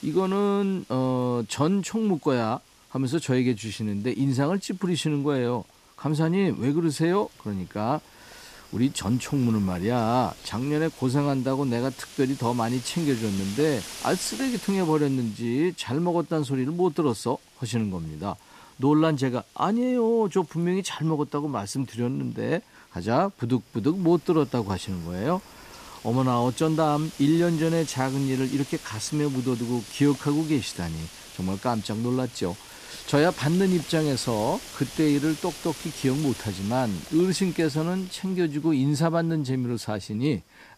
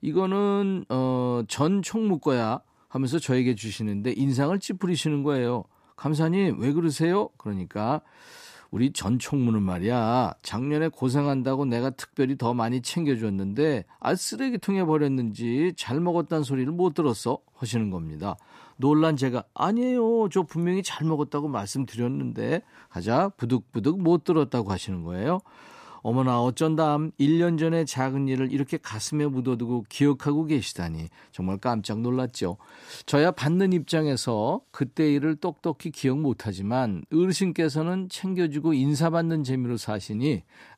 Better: second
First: wind noise on the microphone; occasional gusts; 15 dB below the speech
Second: none

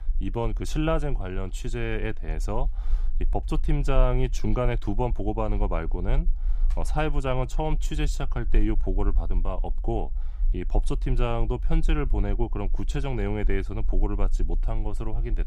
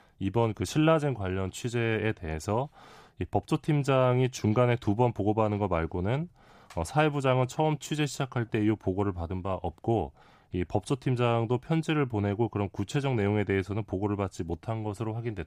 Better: second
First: low rumble; faint; throughout; 25 dB below the speech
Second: none

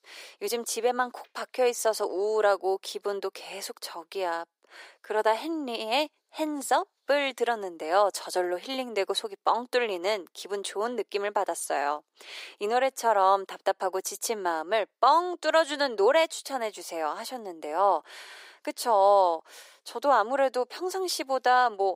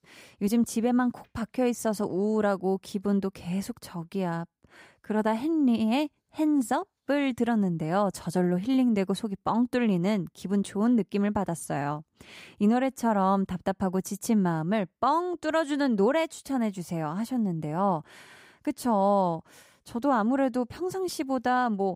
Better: second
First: thin; very; fading below 400 Hz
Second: none

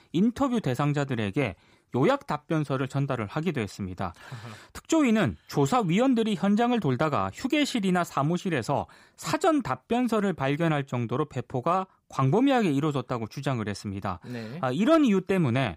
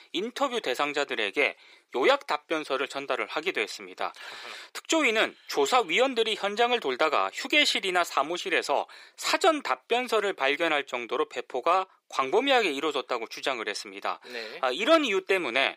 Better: first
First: none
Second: thin; very; fading below 400 Hz

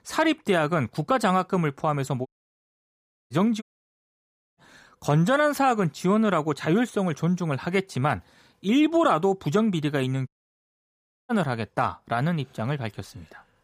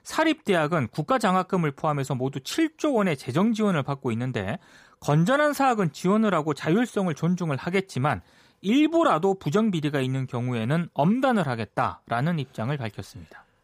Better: second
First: audio cutting out; at 2.5 s for 1 s, at 3.5 s for 1 s and at 10 s for 1 s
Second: none

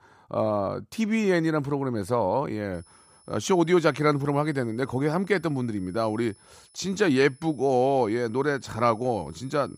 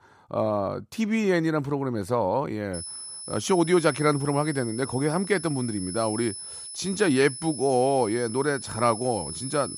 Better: first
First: high-pitched whine; faint; from 2.5 s on; 10 kHz, 30 dB below the speech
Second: high-pitched whine; loud; from 2.5 s on; 10 kHz, 10 dB below the speech

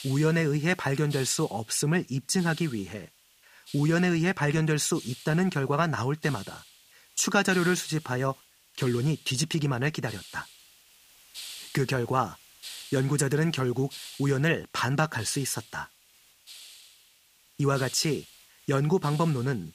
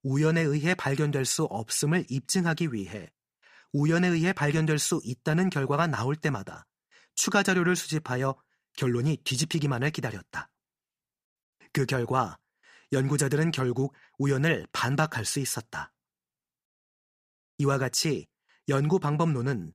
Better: second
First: hiss; noticeable; throughout; 20 dB below the speech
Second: none

